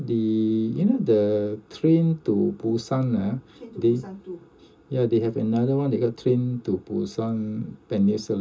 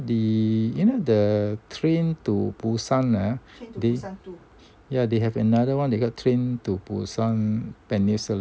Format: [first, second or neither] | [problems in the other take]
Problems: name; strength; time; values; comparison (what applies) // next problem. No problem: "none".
second | room echo; dies away in 0.2 s